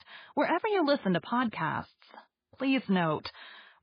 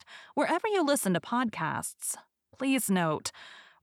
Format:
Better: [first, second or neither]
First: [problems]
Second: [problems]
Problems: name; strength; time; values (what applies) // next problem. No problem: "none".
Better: second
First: garbled, watery; badly; nothing above 4.5 kHz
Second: none